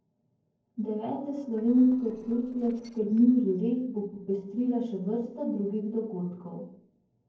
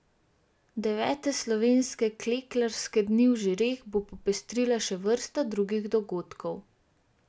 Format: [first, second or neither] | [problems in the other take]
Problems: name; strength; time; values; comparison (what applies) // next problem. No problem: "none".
second | noise reduction (neural separator model SepFormer DNS4)